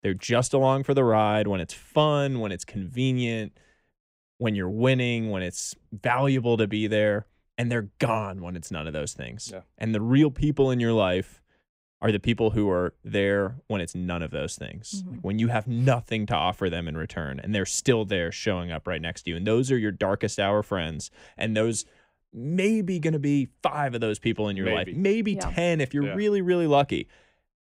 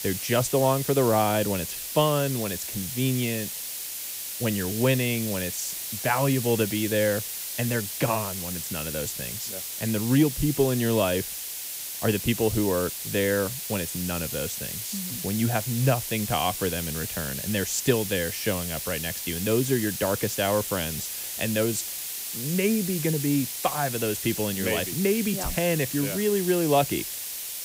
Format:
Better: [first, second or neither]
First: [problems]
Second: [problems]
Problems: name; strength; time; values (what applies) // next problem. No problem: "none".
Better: first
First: none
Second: hiss; loud; throughout; 4 dB below the speech